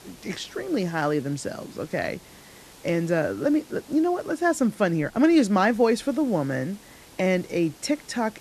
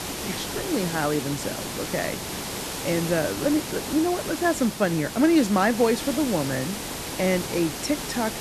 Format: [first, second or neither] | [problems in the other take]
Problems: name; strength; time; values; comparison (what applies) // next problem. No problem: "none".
first | hiss; loud; throughout; 6 dB below the speech; faint in the first